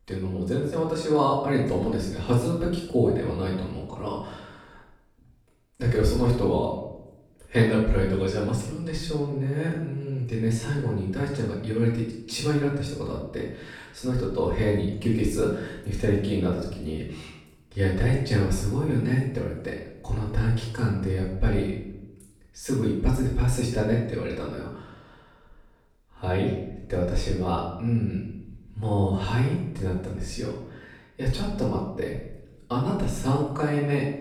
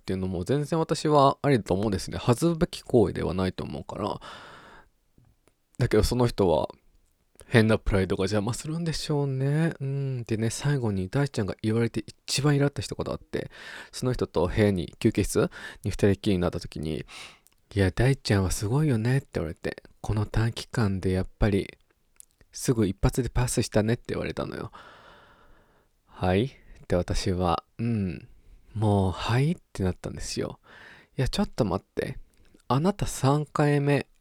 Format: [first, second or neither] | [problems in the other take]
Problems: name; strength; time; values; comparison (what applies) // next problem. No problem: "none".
second | off-mic speech; far // room echo; noticeable; dies away in 0.7 s